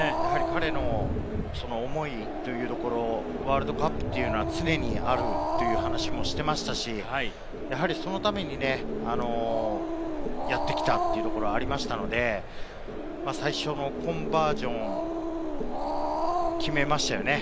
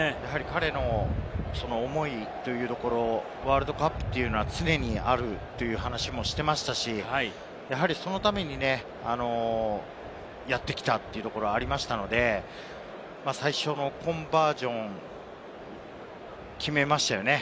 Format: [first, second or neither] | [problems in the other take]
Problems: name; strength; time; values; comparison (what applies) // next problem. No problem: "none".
second | background sound (Growling); as loud as the speech